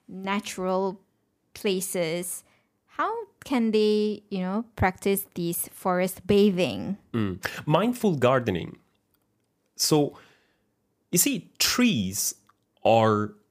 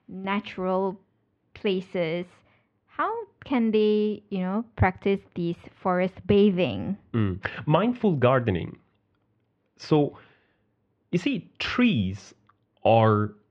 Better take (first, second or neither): first